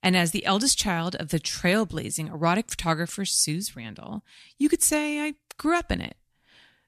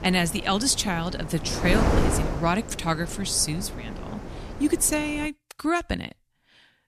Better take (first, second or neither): first